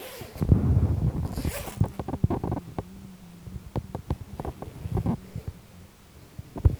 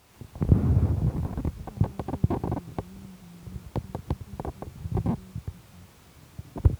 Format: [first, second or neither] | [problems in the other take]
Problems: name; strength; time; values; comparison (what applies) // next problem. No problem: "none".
second | background sound (Zipper (clothing)); 19 dB below the speech